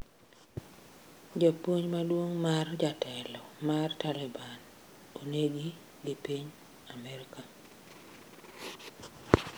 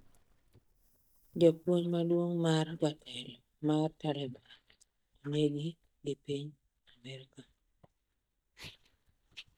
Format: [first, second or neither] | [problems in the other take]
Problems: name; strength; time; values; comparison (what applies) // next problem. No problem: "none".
first | noise reduction (neural mask model DeepFilterNet 3)